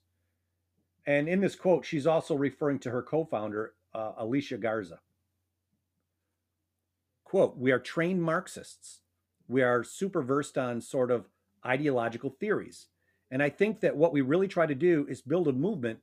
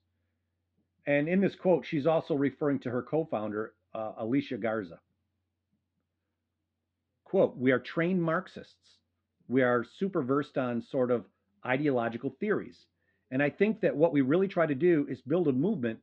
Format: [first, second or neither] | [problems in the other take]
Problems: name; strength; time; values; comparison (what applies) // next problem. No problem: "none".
first | muffled; slightly; fading above 4 kHz